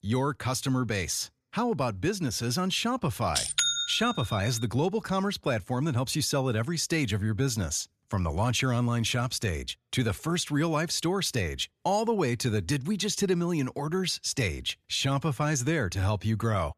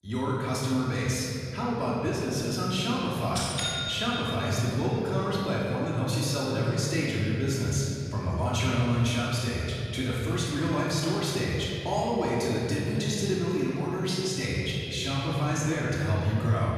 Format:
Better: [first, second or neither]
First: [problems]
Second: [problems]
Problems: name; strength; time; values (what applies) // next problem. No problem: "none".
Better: first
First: none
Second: off-mic speech; far // room echo; strong; dies away in 3 s